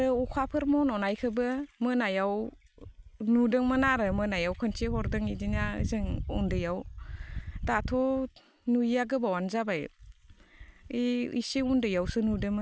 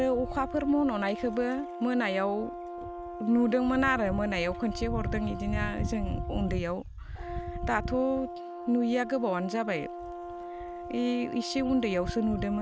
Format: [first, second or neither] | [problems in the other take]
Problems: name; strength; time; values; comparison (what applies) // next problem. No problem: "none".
first | background sound (Brass instrument); 10 dB below the speech